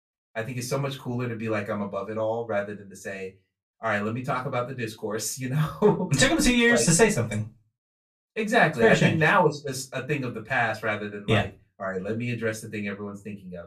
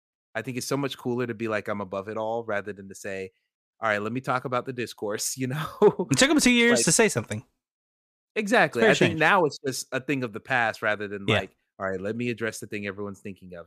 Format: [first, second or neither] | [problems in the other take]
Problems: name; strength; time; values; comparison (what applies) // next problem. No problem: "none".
second | off-mic speech; far // room echo; very slight; dies away in 0.2 s